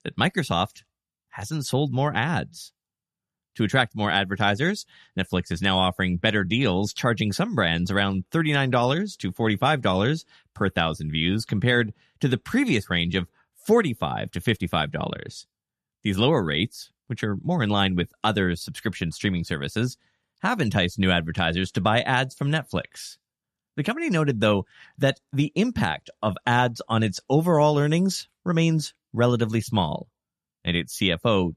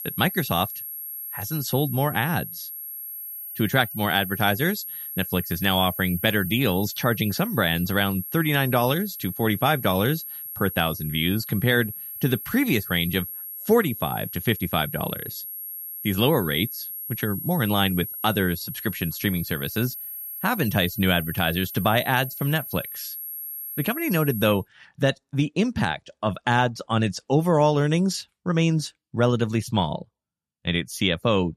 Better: first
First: none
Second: high-pitched whine; loud; until 25 s; 11.5 kHz, 8 dB below the speech

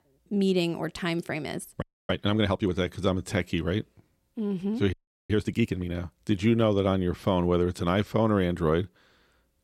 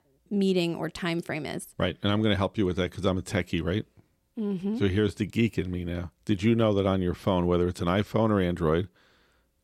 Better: second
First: audio freezing; at 2 s and at 5 s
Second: none

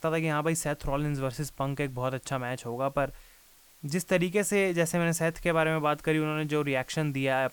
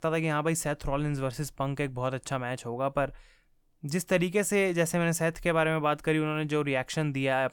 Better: second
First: hiss; faint; throughout; 25 dB below the speech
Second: none

